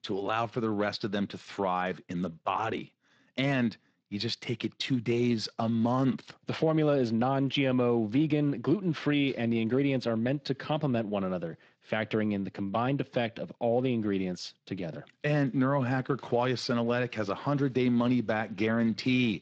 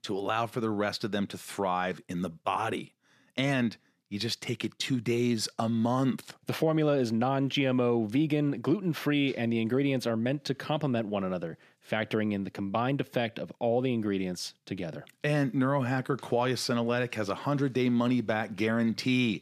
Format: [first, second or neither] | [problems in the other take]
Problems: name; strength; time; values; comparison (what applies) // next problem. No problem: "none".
second | garbled, watery; slightly; nothing above 7.5 kHz